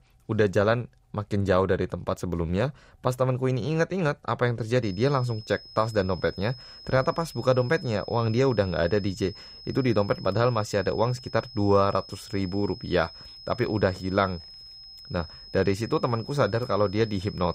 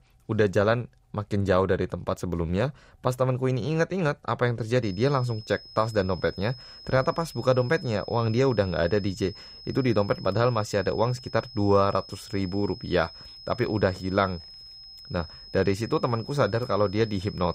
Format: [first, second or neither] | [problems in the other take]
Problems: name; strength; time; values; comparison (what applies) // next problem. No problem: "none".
neither | high-pitched whine; noticeable; from 5 s on; 5 kHz, 15 dB below the speech; the same in both